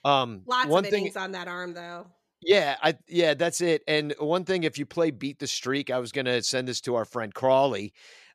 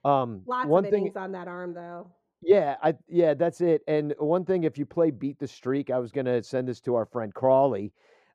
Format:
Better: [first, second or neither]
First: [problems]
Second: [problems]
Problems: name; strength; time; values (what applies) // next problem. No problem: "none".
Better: first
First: none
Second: muffled; very; fading above 1.5 kHz